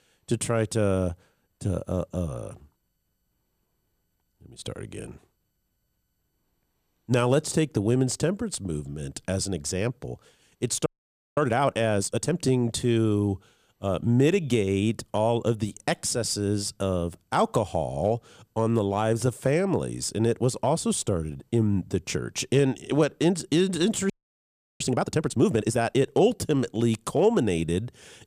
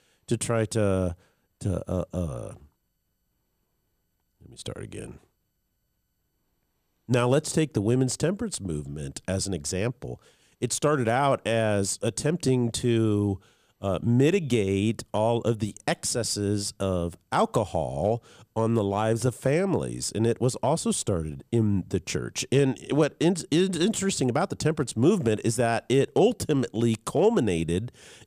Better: second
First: audio freezing; at 11 s for 0.5 s and at 24 s for 0.5 s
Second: none

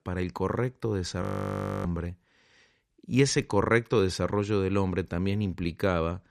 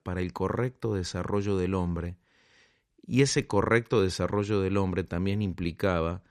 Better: second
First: audio freezing; at 1 s for 0.5 s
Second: none

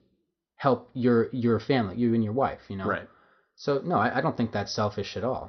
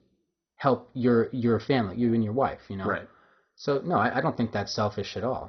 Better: first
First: garbled, watery; slightly; nothing above 6 kHz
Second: garbled, watery; badly; nothing above 6 kHz

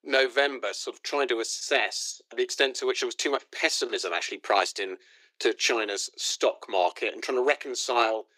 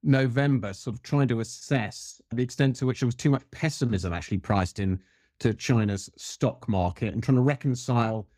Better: second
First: thin; very; fading below 350 Hz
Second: none

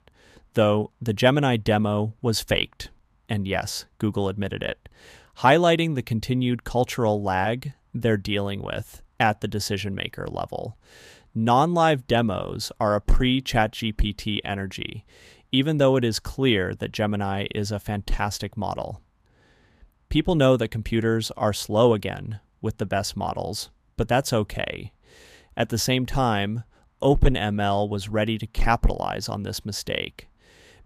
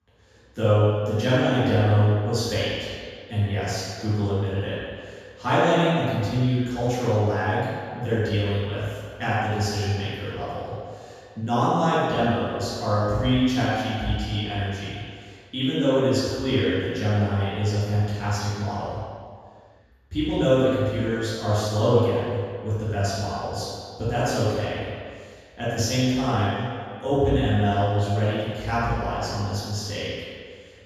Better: first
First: none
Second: room echo; strong; dies away in 1.8 s // off-mic speech; far

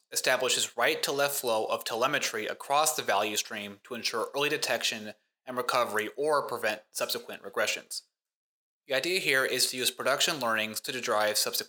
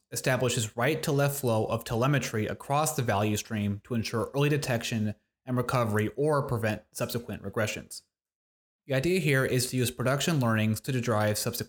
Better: second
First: thin; very; fading below 550 Hz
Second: none

